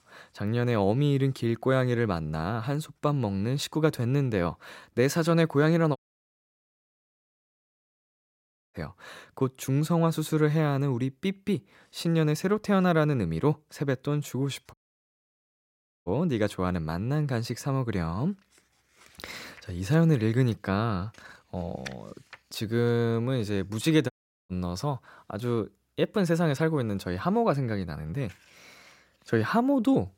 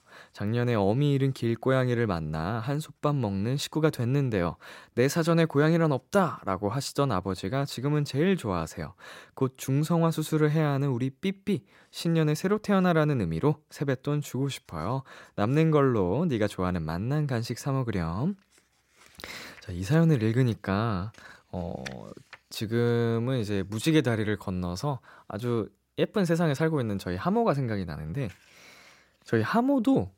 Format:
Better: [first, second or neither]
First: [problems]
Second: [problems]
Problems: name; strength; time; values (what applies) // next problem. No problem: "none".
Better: second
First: audio cutting out; at 6 s for 3 s, at 15 s for 1.5 s and at 24 s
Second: none